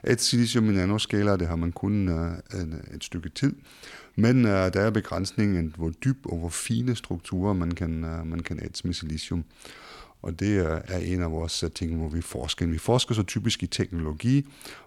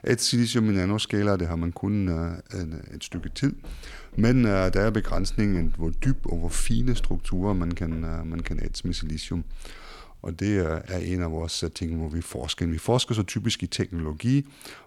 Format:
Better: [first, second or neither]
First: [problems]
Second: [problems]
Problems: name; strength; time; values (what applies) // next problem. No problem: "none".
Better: first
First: none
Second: footsteps; noticeable; from 3 to 9.5 s; peak 9 dB below the speech